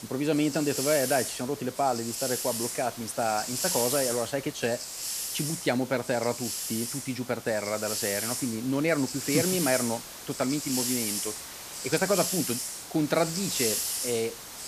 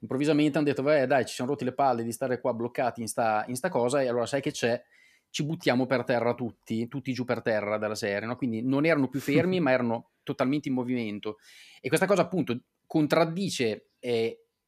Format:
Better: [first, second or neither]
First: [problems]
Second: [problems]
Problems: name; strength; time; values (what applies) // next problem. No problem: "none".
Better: second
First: hiss; loud; throughout; 2 dB below the speech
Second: none